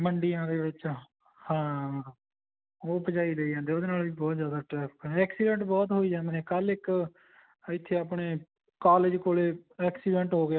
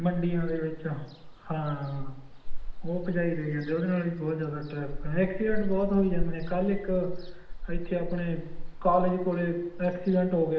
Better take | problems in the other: first | background sound (Ocean); 4 dB below the speech // room echo; dies away in 0.8 s

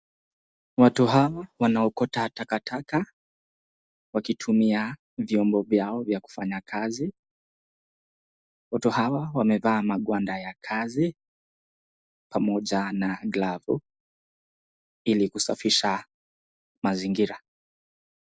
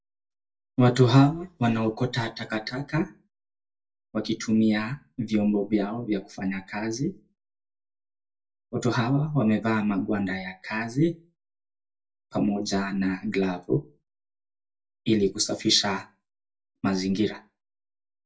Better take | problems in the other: first | room echo; dies away in 0.1 s

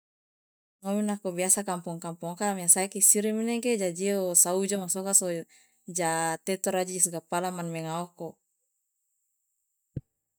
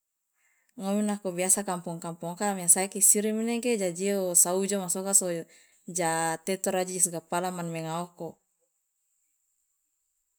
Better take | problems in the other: second | noise reduction (neural mask model DeepFilterNet 3)

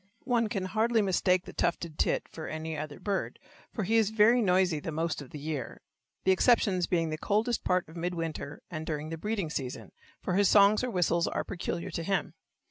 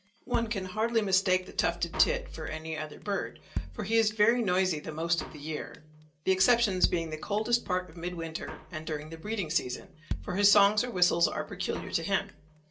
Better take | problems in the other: first | background sound (Drum kit); 12 dB below the speech // room echo; dies away in 0.2 s

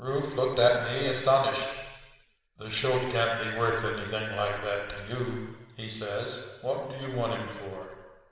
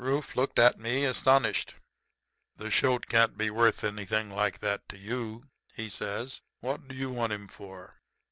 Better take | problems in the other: second | room echo; dies away in 1.3 s

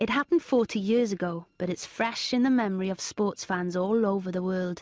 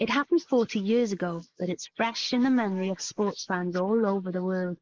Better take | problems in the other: first | noise reduction (neural mask model Resemble Enhance denoiser)

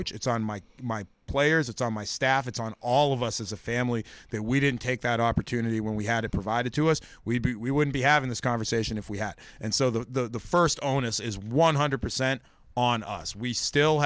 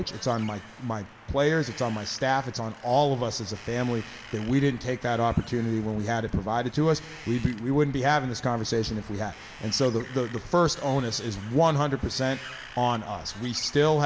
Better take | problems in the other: first | background sound (Wind); 19 dB below the speech // room echo; dies away in 1.4 s

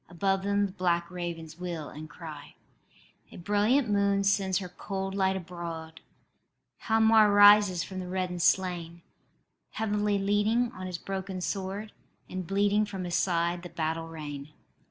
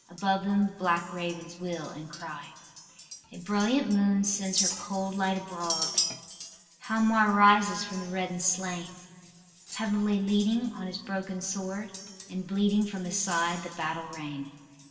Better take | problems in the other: first | background sound (Chink, clink); 11 dB below the speech // room echo; dies away in 2.1 s

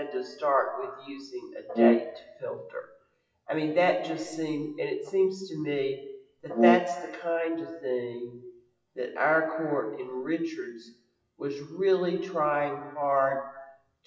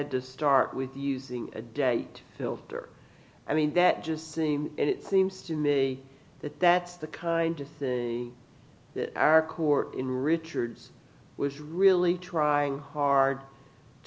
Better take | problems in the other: second | noise reduction (classical method WPE with log-MMSE)

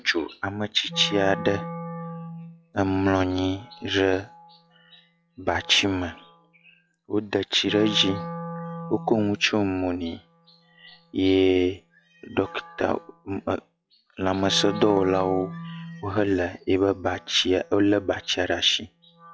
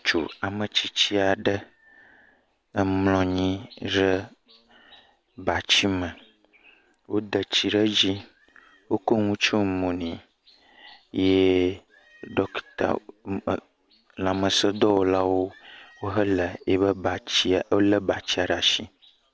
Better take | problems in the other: second | noise reduction (classical method log-MMSE)

